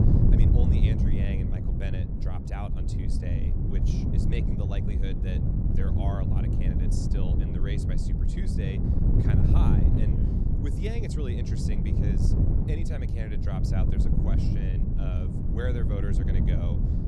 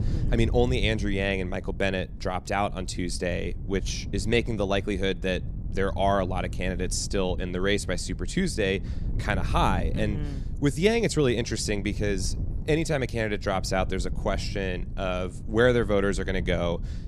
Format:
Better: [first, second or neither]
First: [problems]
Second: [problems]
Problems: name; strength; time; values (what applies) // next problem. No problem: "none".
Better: second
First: wind noise on the microphone; heavy; 3 dB above the speech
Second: wind noise on the microphone; occasional gusts; 20 dB below the speech